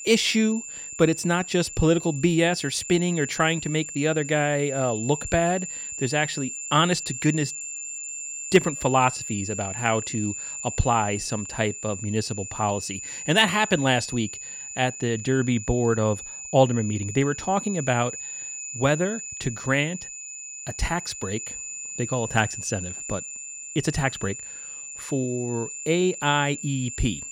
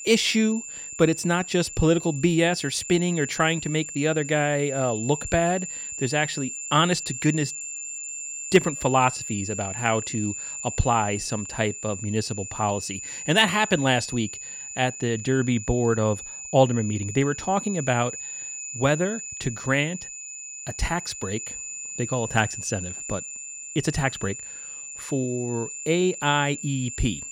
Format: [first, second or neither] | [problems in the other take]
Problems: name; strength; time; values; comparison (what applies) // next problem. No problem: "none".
neither | high-pitched whine; loud; throughout; 7 kHz, 8 dB below the speech; the same in both